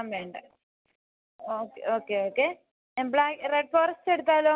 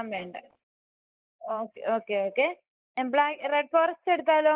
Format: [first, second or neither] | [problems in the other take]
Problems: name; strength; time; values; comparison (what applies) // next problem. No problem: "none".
first | noise reduction (neural mask model Resemble Enhance denoiser)